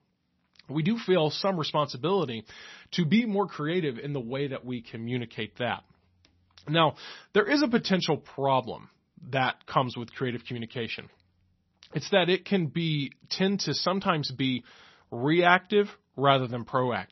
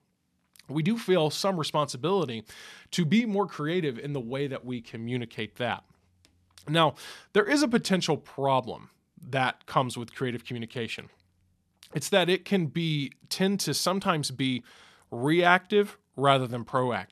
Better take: second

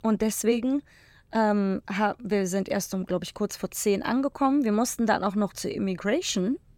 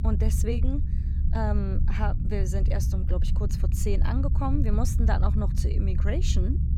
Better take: first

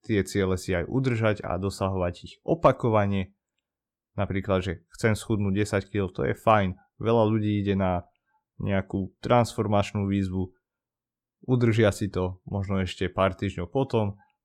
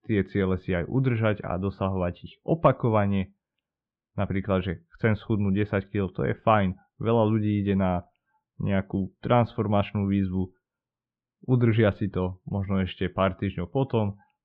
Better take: first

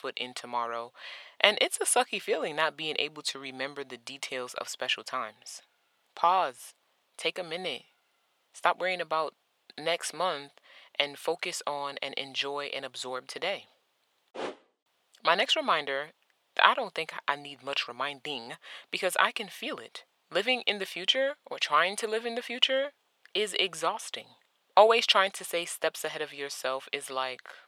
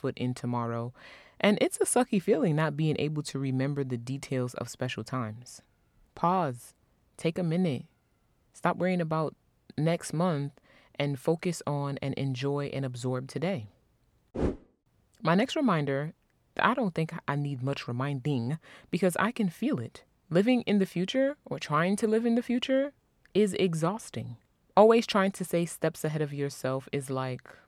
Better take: second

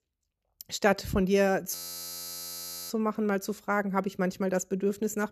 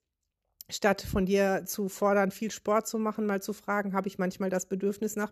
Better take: second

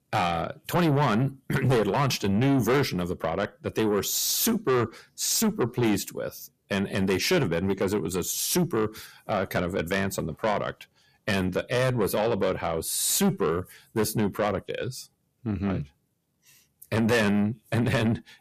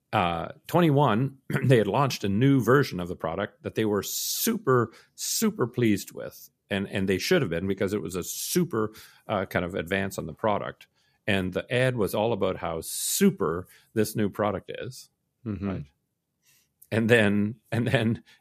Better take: second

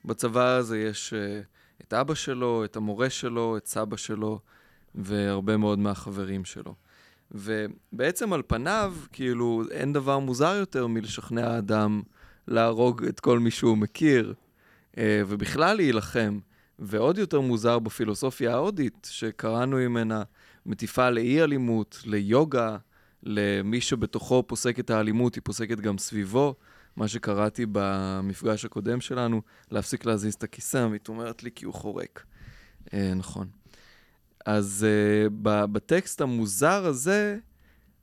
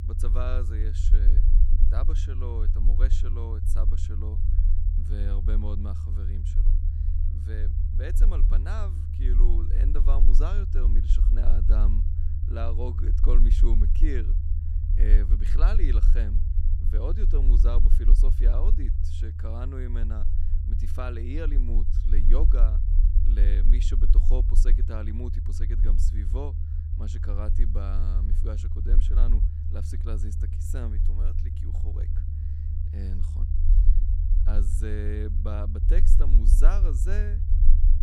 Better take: first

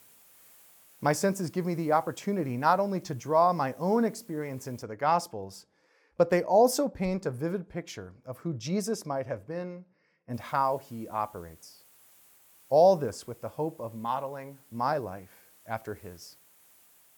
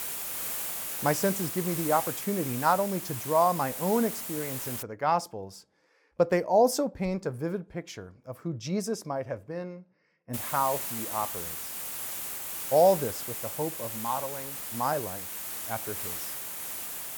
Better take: first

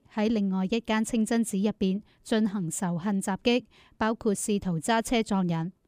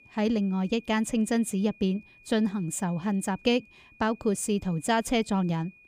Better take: first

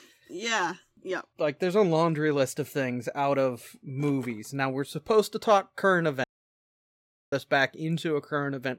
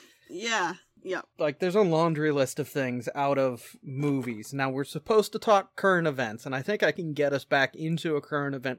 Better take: second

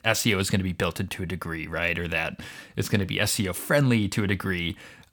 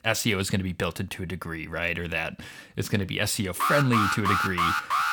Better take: first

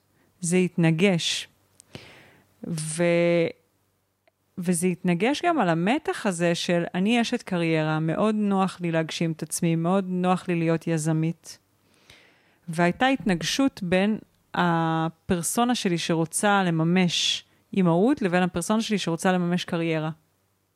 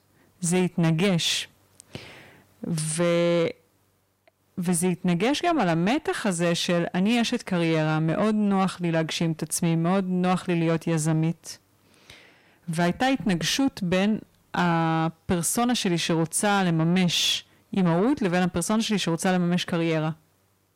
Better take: first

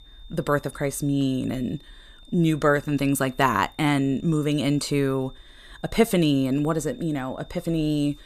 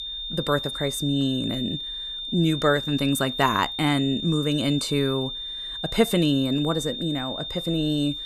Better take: first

